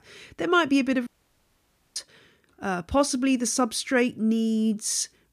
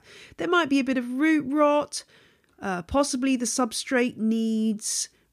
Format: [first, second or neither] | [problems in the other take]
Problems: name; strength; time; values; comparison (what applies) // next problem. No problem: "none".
second | audio cutting out; at 1 s for 1 s